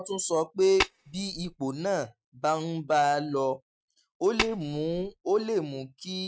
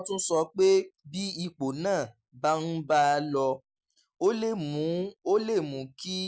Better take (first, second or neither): second